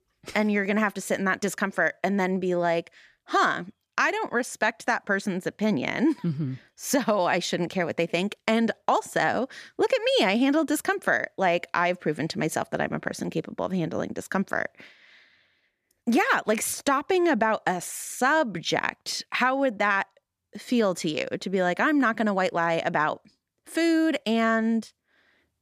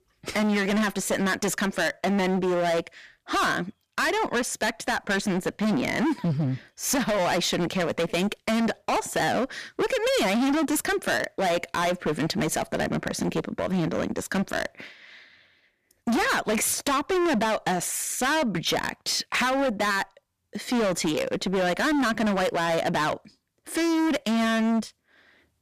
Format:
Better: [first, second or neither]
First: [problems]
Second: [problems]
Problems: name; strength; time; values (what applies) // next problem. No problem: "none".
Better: first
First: none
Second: distortion; heavy; 24% of the sound clipped